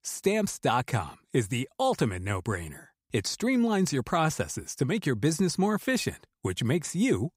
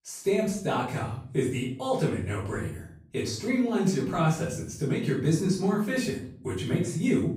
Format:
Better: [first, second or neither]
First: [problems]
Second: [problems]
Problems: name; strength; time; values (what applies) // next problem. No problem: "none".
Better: first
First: none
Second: off-mic speech; far // room echo; noticeable; dies away in 0.5 s